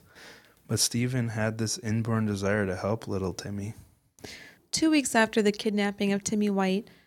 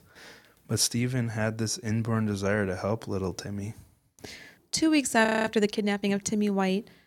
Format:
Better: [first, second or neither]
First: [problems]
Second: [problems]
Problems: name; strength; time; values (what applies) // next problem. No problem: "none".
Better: first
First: none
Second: audio freezing; at 5.5 s